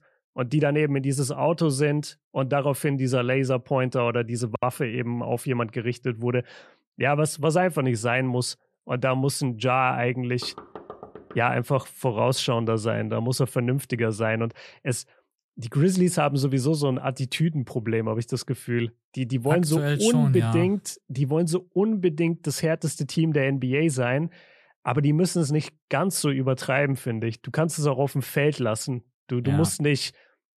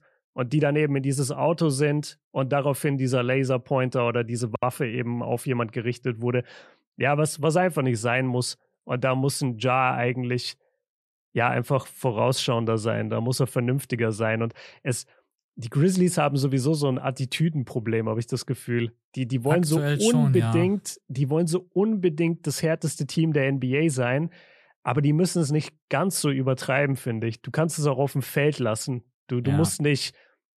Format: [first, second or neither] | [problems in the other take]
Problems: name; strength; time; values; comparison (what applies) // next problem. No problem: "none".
second | door banging; faint; at 10 s; peak 15 dB below the speech